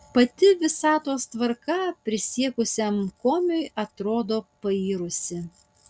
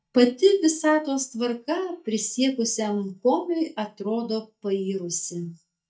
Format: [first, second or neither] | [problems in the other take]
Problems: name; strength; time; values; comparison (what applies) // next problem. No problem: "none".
first | noise reduction (neural mask model DeepFilterNet 3)